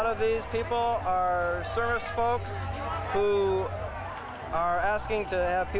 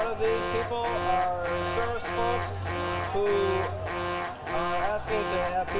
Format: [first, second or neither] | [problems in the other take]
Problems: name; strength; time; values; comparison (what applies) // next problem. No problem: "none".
first | background sound (Alarm); 3 dB below the speech // room echo; dies away in 2 s